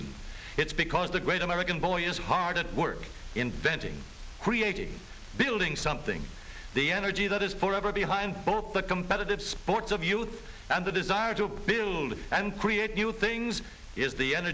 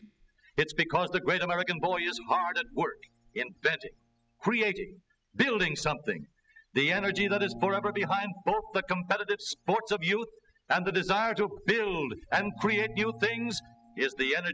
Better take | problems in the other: first | noise reduction (classical method spectral subtraction)

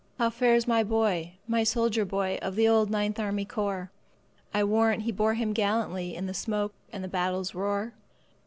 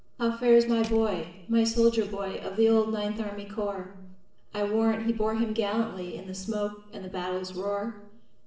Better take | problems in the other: first | noise reduction (neural separator model SepFormer DNS4)

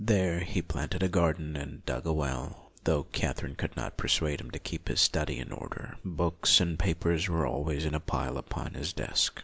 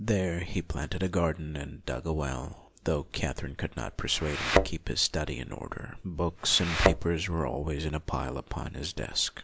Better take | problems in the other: first | background sound (Thump, thud); 3 dB above the speech

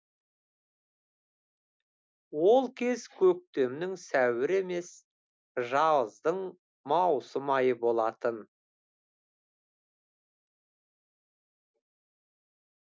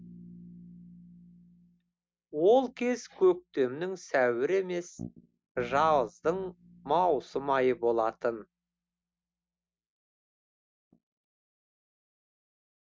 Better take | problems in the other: first | noise reduction (neural mask model RNNoise)

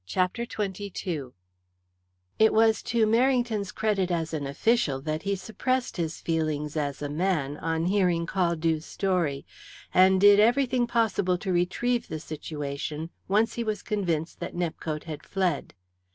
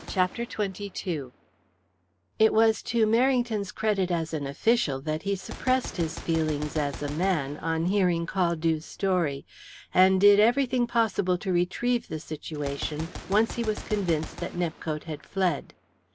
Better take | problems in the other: first | background sound (Gunshot, gunfire); 17 dB below the speech

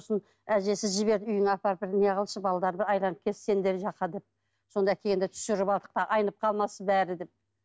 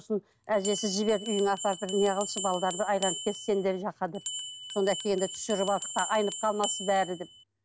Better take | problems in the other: first | background sound (Bell); 8 dB below the speech

